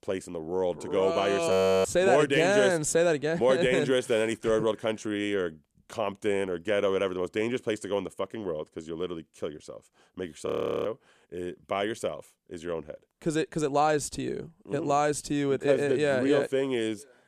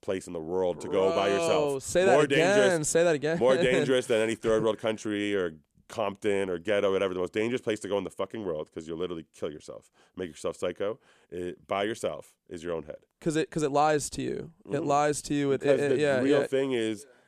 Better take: second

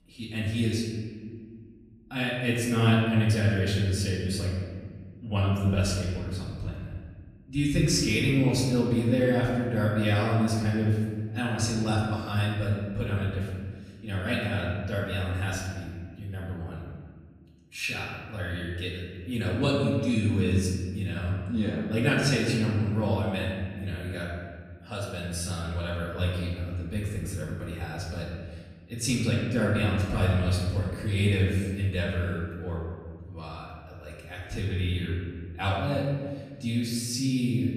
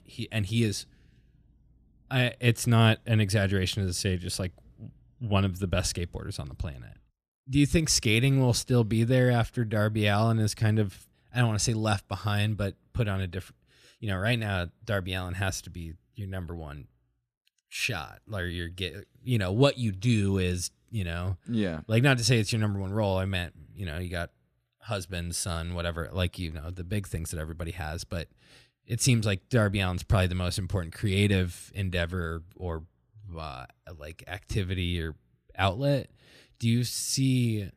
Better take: second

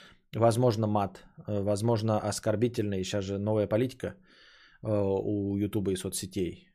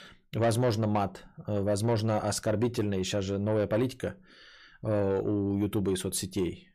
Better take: first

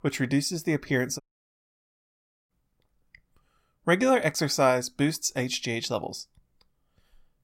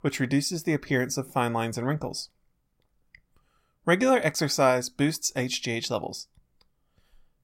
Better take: second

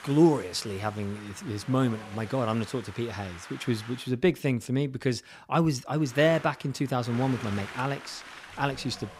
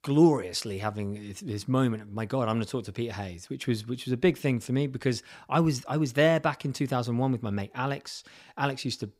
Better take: second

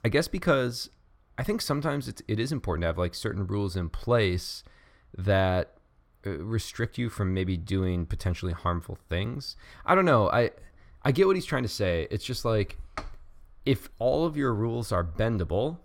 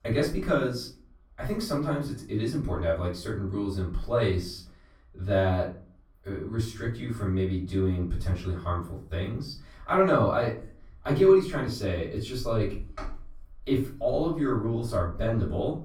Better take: first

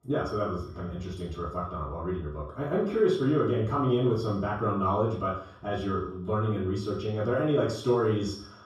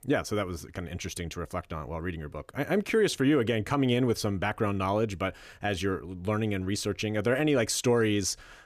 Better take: second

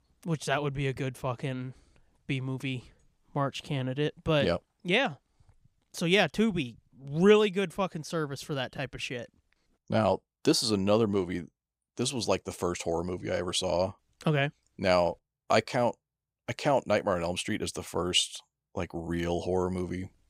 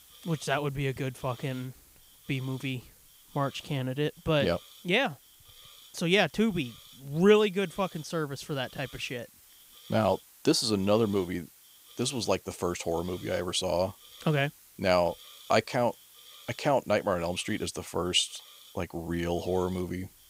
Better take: first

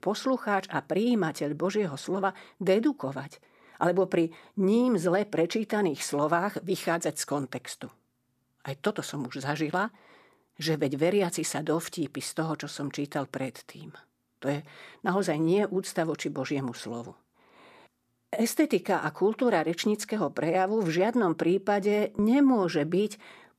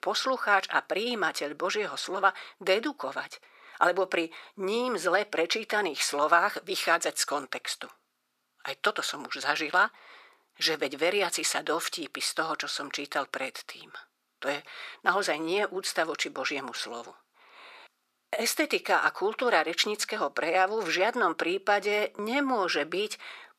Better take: first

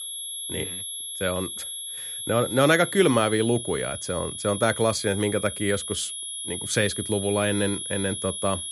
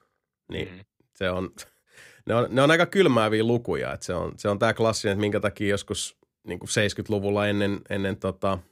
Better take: second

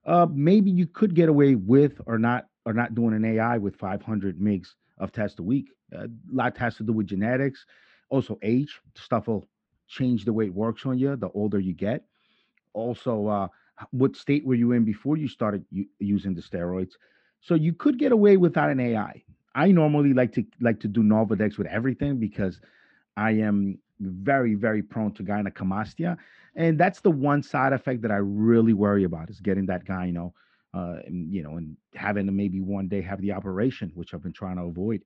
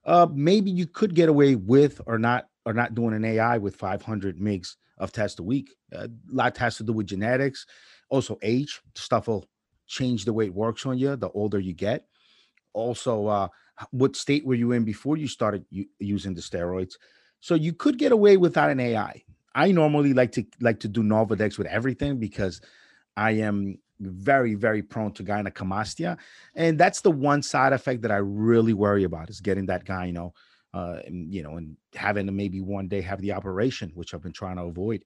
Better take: second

